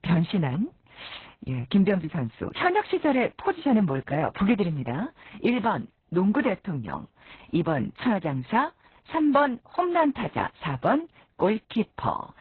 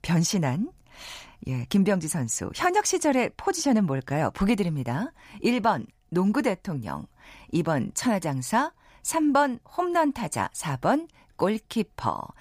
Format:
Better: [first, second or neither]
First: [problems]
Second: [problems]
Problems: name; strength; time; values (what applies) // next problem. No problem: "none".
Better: second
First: garbled, watery; badly; nothing above 4 kHz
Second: none